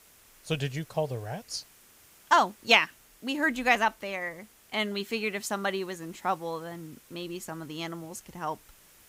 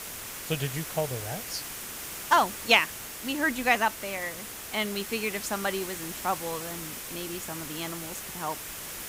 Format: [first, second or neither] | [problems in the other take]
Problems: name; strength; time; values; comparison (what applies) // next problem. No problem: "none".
first | hiss; loud; throughout; 7 dB below the speech; faint in the first